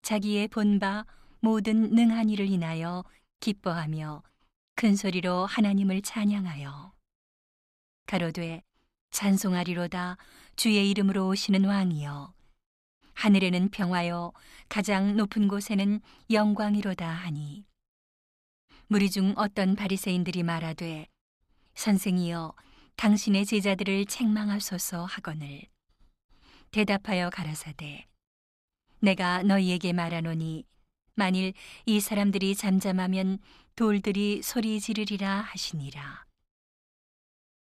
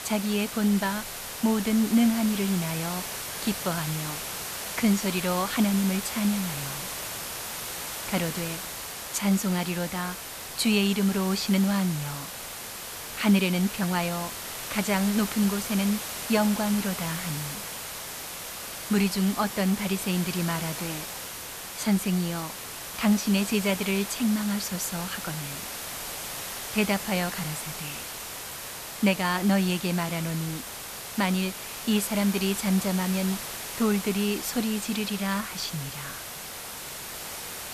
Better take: first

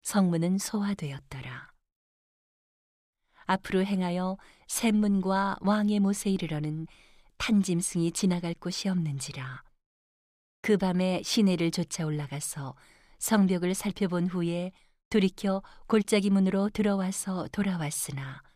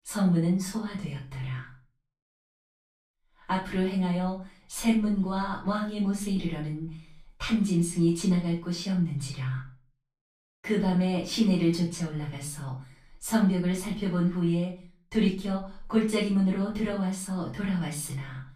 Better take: first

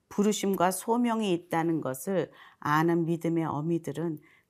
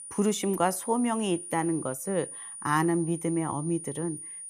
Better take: first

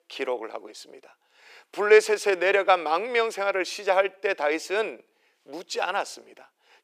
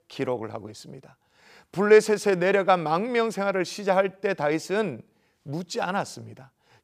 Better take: second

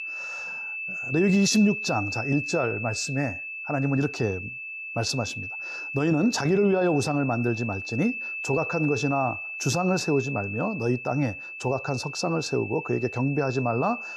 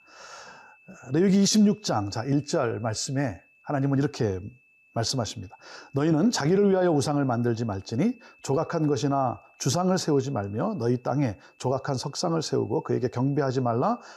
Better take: second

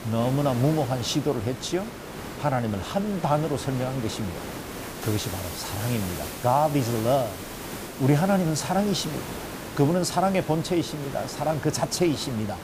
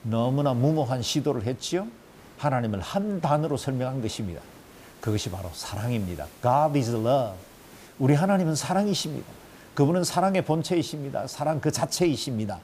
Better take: second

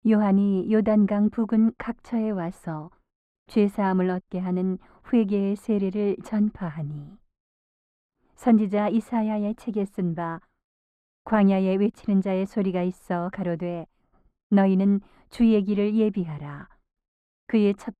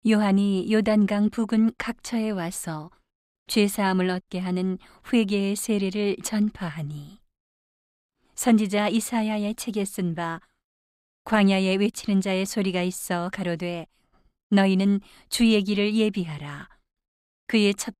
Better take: second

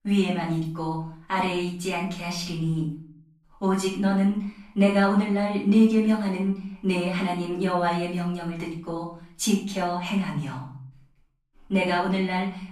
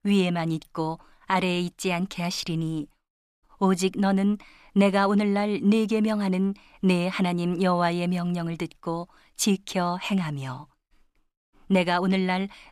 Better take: second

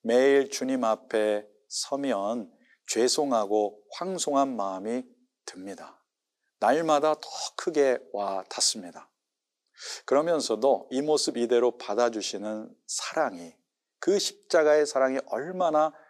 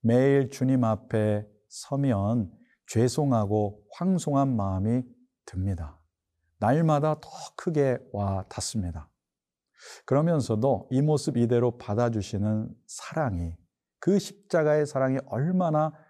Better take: second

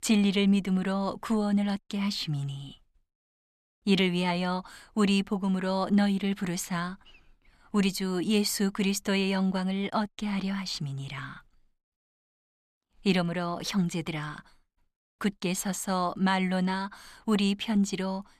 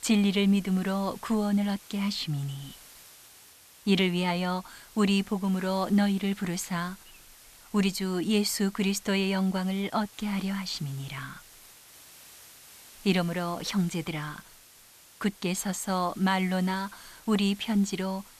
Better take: first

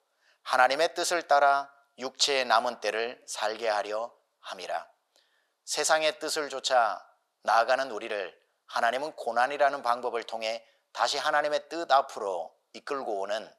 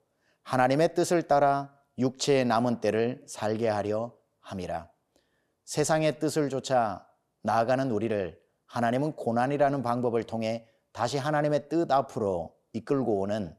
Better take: second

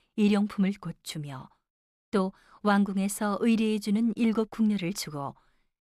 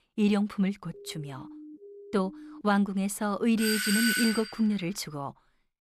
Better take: first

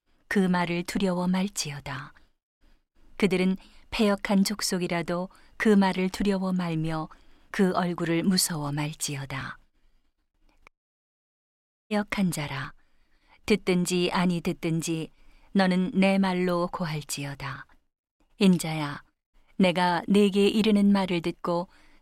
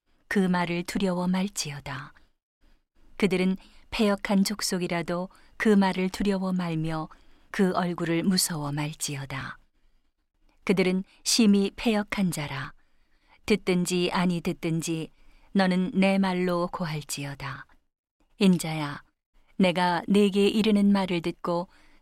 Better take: second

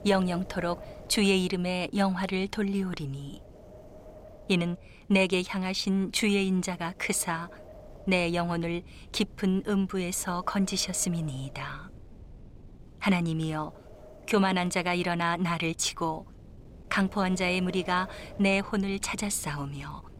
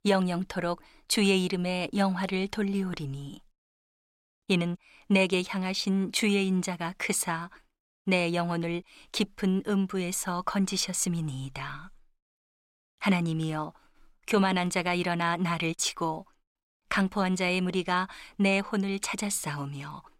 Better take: second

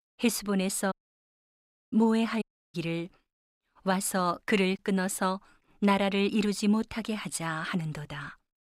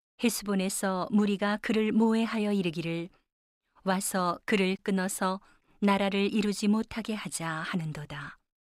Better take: second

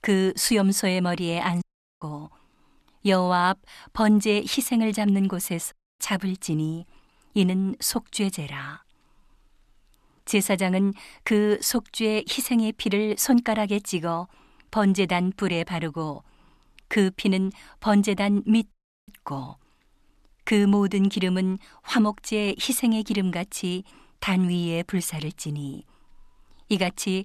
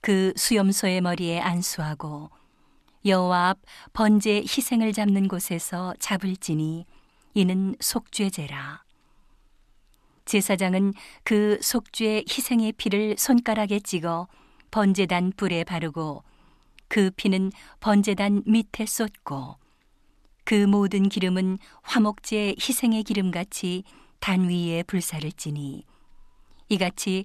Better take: second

